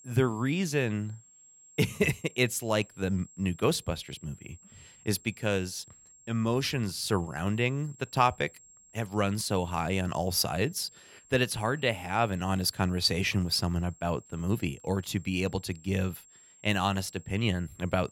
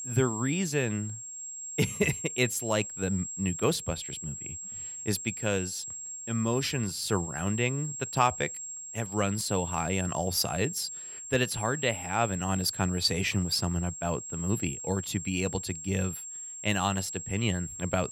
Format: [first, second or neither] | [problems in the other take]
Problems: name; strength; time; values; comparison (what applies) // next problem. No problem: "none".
first | high-pitched whine; loud; throughout; 7.5 kHz, 7 dB below the speech; faint in the first